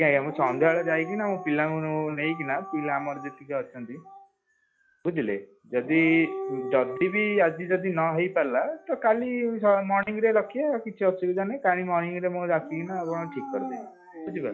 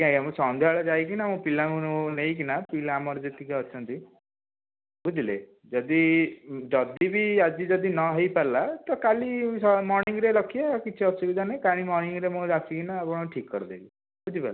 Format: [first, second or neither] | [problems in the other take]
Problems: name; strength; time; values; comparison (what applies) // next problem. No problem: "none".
second | noise reduction (classical method log-MMSE)